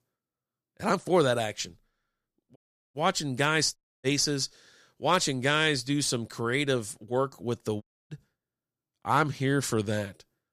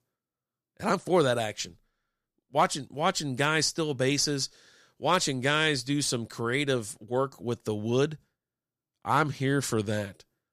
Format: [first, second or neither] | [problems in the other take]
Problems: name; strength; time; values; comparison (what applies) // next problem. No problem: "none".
second | audio cutting out; at 2.5 s, at 4 s and at 8 s